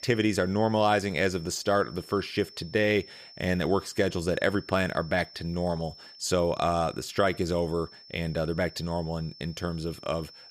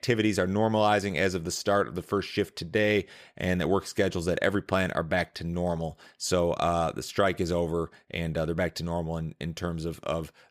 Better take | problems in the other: second | high-pitched whine; noticeable; throughout; 5.5 kHz, 20 dB below the speech

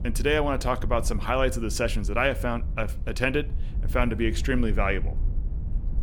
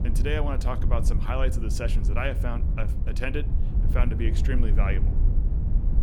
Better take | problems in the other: first | low rumble; loud; throughout; 9 dB below the speech; faint in the first

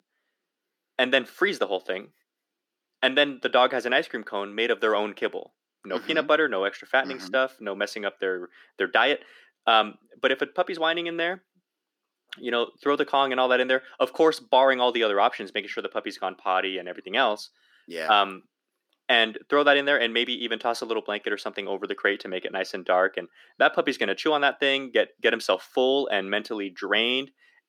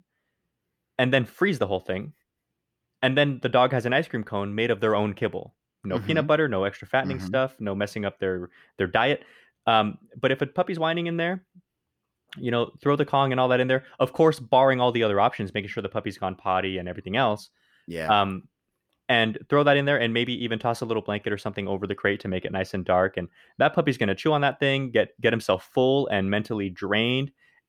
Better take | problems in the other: second | thin; somewhat; fading below 250 Hz

